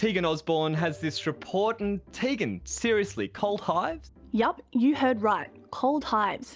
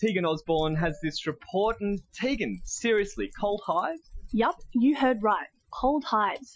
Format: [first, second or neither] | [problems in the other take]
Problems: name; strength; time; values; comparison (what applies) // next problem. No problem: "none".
first | noise reduction (classical method Wiener filter)